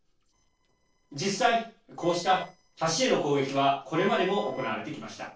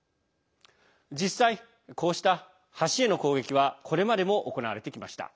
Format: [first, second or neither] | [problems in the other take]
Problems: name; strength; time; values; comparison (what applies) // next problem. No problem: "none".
second | noise reduction (neural separator model SepFormer DNS4)